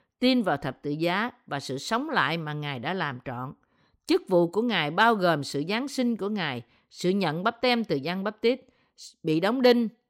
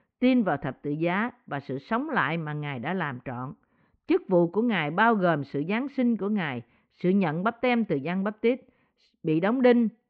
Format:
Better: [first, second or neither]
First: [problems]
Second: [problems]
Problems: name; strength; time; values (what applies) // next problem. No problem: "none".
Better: first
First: none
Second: muffled; very; fading above 2.5 kHz